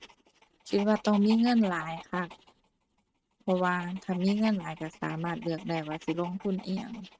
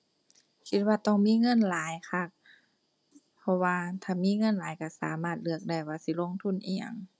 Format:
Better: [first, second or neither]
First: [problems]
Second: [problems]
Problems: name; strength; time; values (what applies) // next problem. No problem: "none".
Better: second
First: noise reduction (neural mask model RNNoise)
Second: none